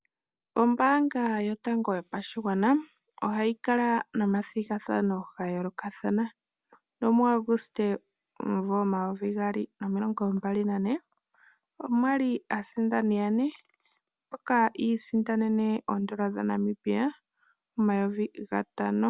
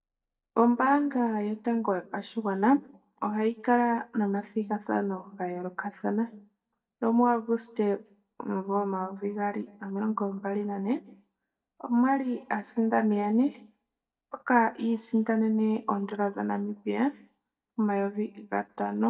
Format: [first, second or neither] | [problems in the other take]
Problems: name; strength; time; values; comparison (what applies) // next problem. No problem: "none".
first | noise reduction (neural mask model DeepFilterNet 3)